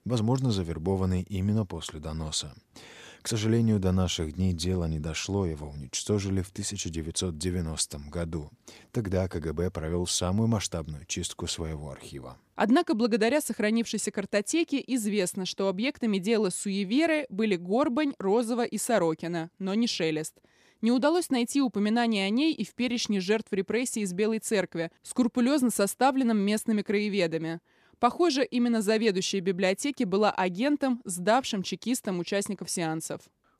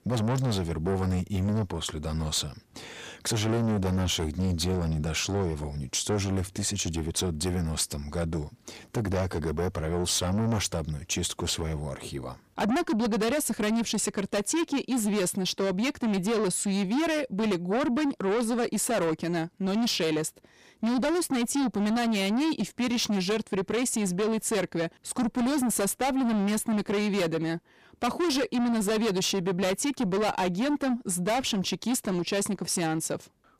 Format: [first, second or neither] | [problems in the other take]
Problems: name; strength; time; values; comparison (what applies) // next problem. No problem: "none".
first | distortion; heavy; 6 dB below the speech